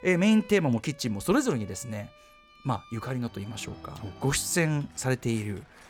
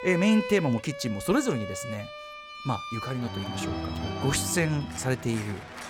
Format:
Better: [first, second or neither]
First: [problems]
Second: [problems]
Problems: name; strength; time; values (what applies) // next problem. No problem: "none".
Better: first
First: background music; faint; throughout; 20 dB below the speech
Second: background music; loud; throughout; 8 dB below the speech